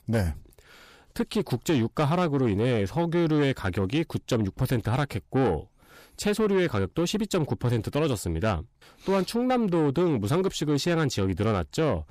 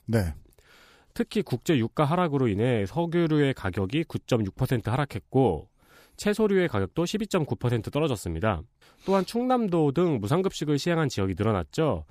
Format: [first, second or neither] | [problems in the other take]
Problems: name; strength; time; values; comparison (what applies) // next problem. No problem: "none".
second | distortion; slight; 10 dB below the speech